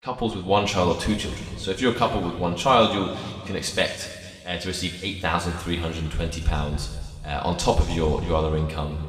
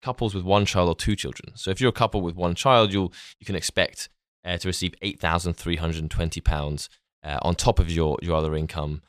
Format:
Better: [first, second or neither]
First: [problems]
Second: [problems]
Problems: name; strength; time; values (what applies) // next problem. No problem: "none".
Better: second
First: room echo; noticeable; dies away in 2 s // off-mic speech; somewhat distant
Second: none